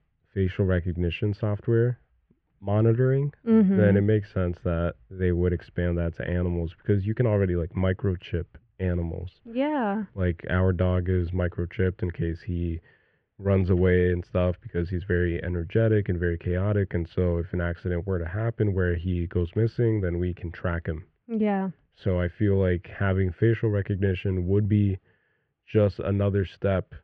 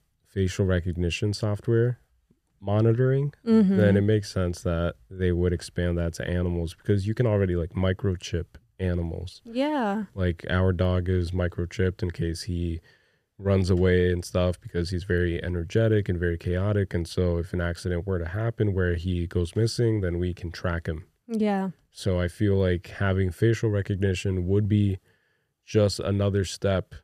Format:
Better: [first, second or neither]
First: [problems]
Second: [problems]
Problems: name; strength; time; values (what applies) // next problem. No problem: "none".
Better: second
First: muffled; very; fading above 2.5 kHz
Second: none